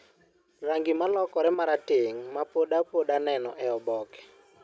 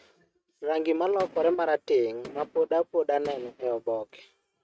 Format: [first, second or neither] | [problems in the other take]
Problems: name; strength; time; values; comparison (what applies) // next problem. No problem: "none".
first | noise reduction (neural mask model RNNoise)